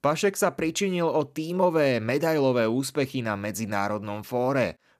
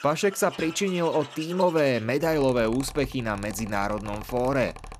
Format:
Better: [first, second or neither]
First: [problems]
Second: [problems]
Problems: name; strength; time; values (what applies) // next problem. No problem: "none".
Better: first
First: none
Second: machinery noise; noticeable; throughout; 15 dB below the speech